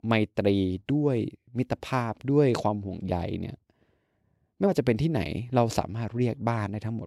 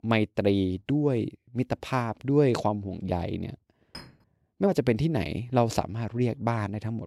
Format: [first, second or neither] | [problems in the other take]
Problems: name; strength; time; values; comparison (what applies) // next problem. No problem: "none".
first | clattering dishes; faint; at 4 s; peak 20 dB below the speech